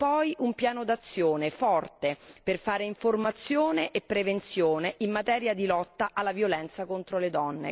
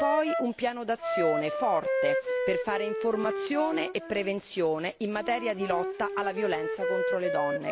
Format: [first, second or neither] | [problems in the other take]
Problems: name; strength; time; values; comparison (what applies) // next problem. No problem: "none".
first | background sound (Wind instrument, woodwind instrument); 2 dB below the speech